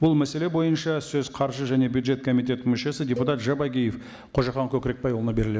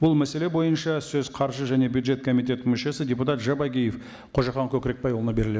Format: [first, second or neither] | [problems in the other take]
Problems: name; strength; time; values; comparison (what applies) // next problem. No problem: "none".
second | background sound (Cowbell); 16 dB below the speech